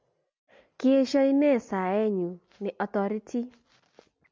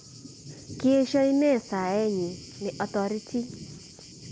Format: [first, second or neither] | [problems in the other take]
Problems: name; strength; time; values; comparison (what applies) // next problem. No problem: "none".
first | background sound (Thunder); 16 dB below the speech